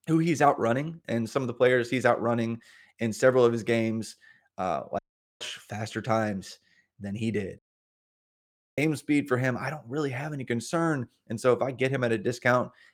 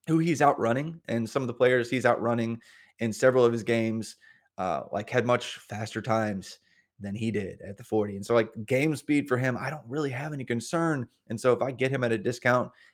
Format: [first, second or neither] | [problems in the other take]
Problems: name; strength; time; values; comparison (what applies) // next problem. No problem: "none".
second | audio cutting out; at 5 s and at 7.5 s for 1 s